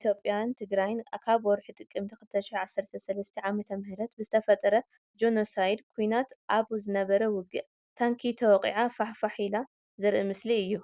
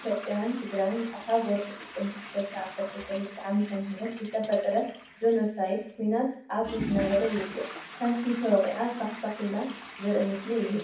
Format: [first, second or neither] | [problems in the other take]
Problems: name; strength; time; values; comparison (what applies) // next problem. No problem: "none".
first | background sound (Toilet flush / Water); 13 dB below the speech // room echo; dies away in 0.6 s